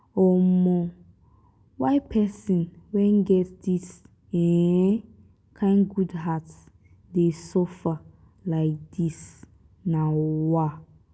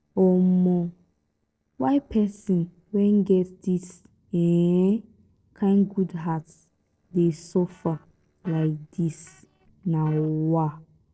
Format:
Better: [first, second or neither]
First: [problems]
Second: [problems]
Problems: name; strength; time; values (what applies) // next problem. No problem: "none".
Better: first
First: none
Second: noise reduction (neural separator model SepFormer DNS4)